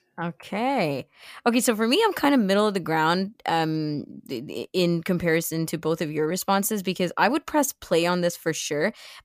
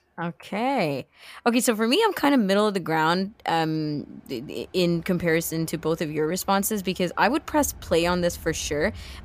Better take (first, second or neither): first